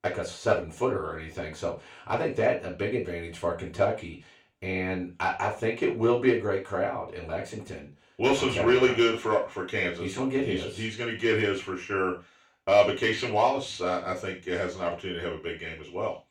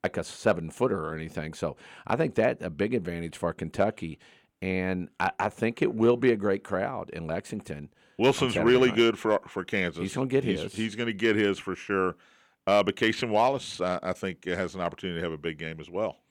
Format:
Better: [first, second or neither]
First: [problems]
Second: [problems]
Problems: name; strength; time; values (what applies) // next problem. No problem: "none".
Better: second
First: room echo; slight; dies away in 0.3 s // off-mic speech; far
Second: none